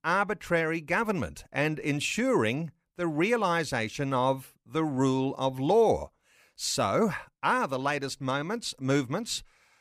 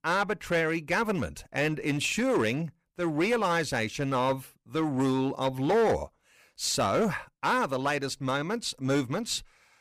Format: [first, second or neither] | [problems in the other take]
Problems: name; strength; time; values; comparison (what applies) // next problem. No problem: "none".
first | distortion; slight; 7% of the sound clipped